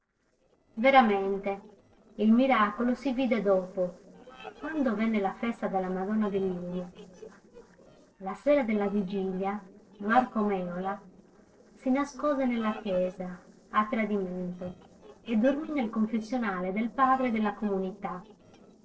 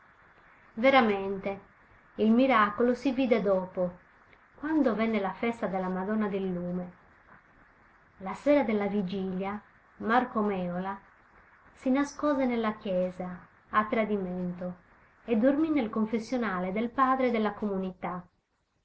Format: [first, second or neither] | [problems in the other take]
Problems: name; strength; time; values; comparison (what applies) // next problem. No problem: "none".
second | noise reduction (neural separator model SepFormer DNS4)